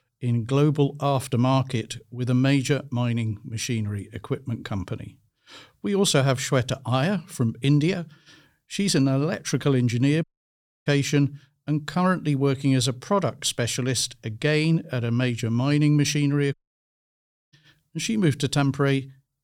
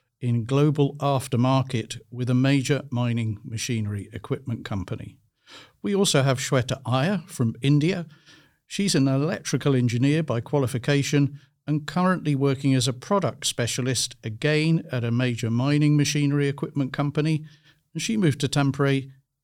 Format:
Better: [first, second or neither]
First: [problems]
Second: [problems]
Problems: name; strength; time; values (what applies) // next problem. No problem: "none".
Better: second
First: audio cutting out; at 10 s for 0.5 s and at 17 s for 1 s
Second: none